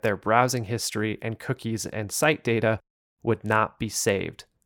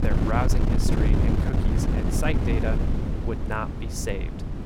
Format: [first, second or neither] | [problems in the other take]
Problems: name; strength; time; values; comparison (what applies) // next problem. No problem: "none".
first | wind noise on the microphone; heavy; 1 dB below the speech